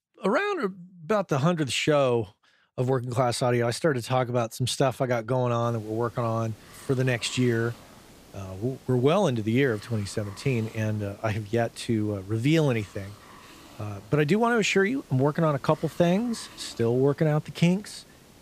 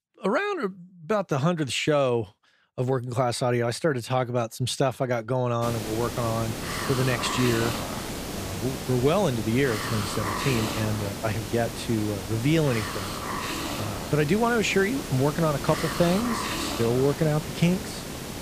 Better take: first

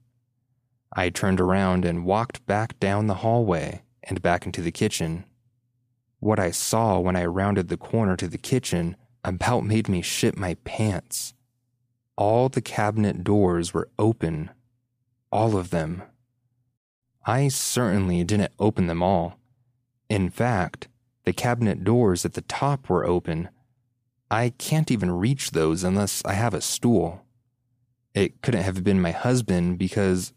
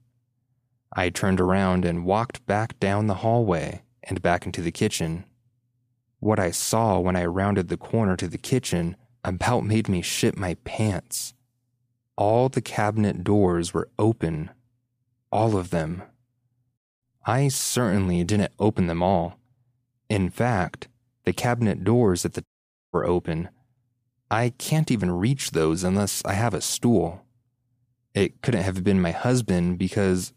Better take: first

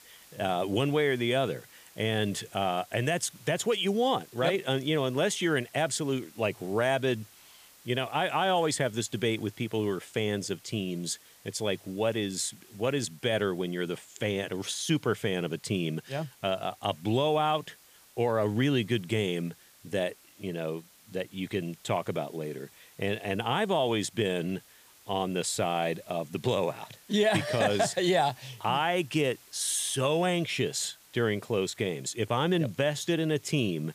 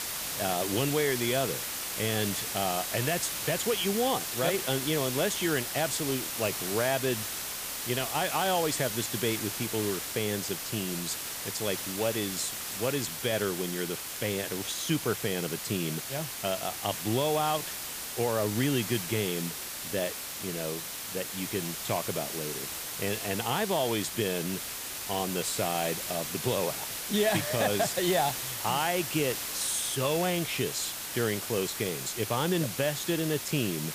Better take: first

